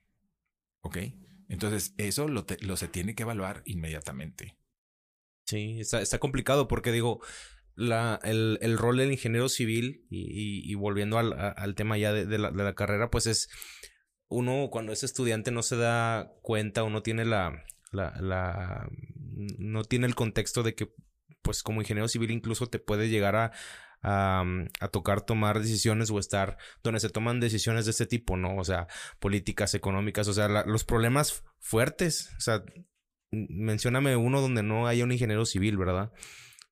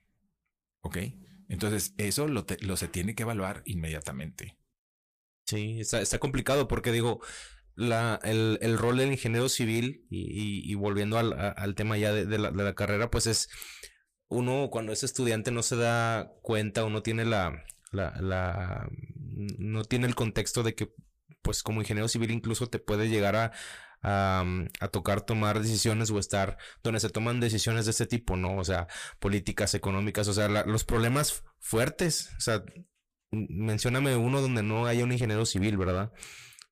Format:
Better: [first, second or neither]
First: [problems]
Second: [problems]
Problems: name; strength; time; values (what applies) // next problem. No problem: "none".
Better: first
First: none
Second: distortion; slight; 6% of the sound clipped